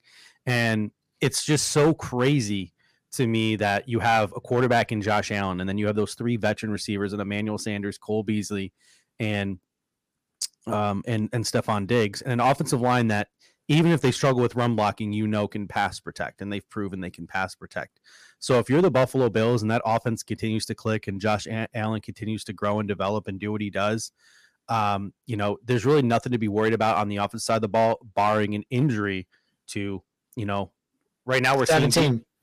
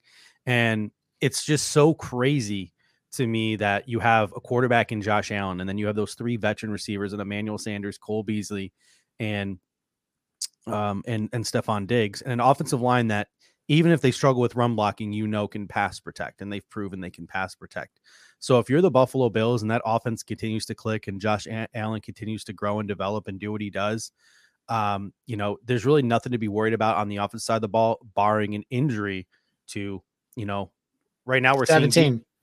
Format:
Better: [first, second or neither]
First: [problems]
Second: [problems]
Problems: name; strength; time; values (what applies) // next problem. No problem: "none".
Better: second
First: distortion; slight; 3% of the sound clipped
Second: none